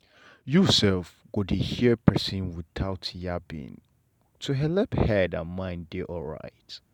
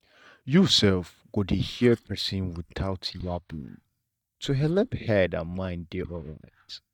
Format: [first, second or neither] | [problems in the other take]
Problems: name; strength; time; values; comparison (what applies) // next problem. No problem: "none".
first | noise reduction (neural mask model DeepFilterNet 3)